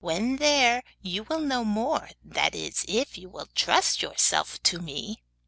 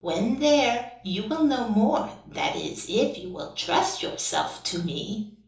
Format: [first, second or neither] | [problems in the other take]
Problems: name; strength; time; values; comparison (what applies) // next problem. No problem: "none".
first | room echo; dies away in 1.2 s